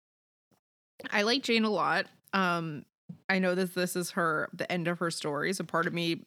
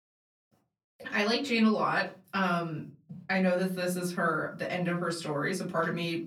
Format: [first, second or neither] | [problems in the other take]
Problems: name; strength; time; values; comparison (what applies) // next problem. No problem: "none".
first | off-mic speech; far // room echo; very slight; dies away in 0.4 s